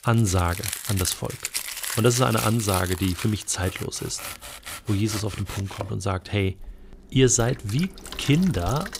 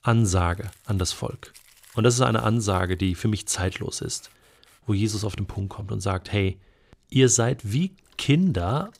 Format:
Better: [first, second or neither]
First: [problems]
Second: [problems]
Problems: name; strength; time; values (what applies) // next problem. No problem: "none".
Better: second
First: household noises; loud; throughout; 8 dB below the speech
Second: household noises; faint; throughout; 30 dB below the speech